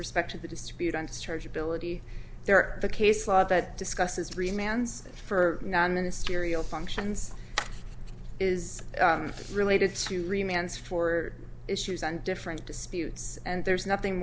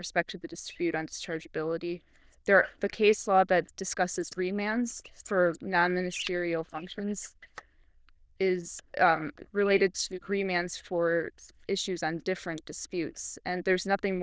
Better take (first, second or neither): first